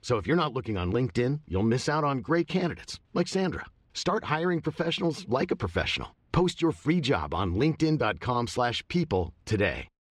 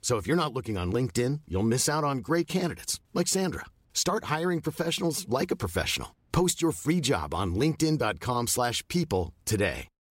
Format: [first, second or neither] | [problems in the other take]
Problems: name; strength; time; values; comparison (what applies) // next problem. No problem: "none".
second | muffled; slightly; fading above 3 kHz